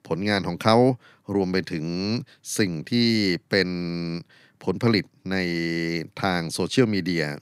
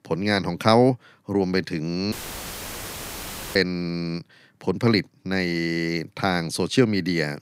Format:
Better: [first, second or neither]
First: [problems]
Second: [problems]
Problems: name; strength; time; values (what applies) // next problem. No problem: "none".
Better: first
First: none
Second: audio cutting out; filled with static; at 2 s for 1.5 s